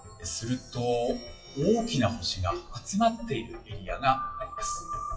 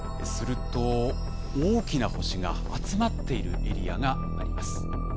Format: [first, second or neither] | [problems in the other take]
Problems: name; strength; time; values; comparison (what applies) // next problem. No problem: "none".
second | noise reduction (classical method WPE with log-MMSE)